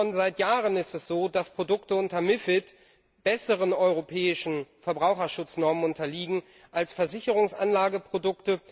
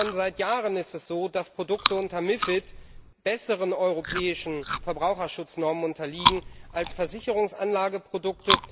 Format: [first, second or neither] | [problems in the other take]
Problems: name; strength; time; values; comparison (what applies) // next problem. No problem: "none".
first | background sound (Chewing, mastication); 4 dB below the speech